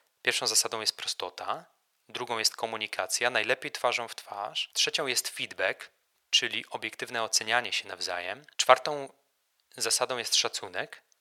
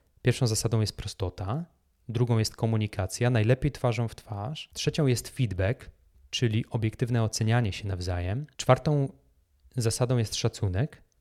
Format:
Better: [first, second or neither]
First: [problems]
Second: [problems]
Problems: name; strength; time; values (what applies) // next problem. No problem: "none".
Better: second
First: thin; very; fading below 900 Hz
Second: none